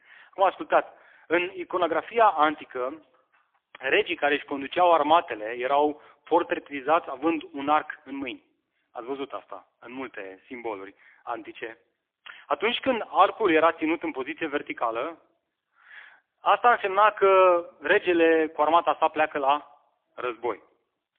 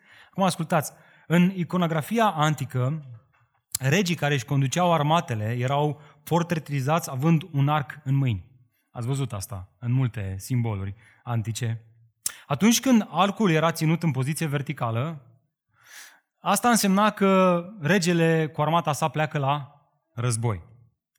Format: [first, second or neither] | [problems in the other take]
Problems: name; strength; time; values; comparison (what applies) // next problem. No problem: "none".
second | phone-call audio; poor line; nothing above 3.5 kHz